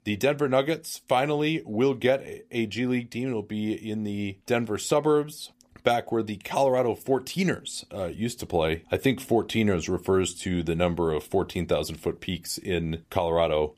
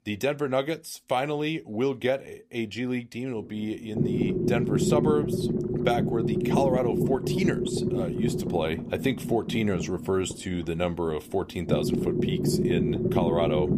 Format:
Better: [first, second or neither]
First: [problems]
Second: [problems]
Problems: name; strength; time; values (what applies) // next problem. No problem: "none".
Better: first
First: none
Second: low rumble; loud; from 3.5 s on; 2 dB below the speech